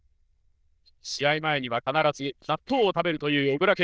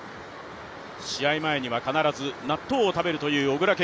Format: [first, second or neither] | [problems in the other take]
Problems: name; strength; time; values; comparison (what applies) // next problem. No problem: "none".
second | noise reduction (neural diffusion model UNIVERSE++)